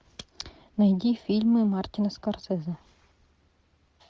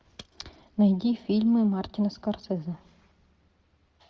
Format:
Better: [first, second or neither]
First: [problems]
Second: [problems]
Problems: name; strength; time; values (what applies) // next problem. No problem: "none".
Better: first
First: none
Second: room echo; dies away in 1.1 s